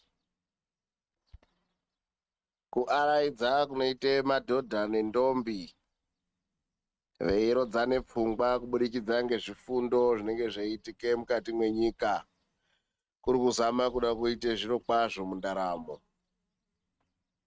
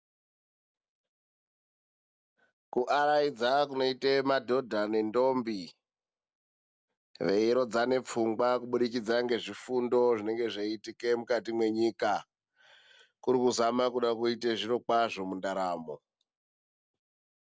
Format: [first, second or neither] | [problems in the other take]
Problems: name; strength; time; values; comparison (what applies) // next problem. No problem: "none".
second | noise reduction (neural mask model RNNoise)